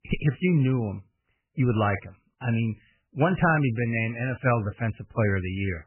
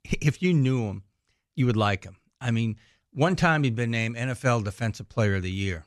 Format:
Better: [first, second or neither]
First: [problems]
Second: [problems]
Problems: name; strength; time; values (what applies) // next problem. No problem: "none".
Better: second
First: garbled, watery; badly; nothing above 3 kHz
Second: none